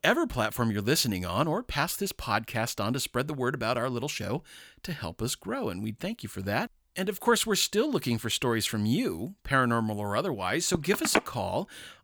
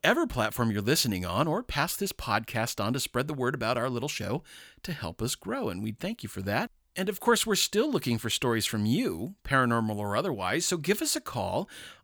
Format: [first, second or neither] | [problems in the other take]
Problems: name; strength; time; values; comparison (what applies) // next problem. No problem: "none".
second | phone ringing; noticeable; at 11 s; peak level with the speech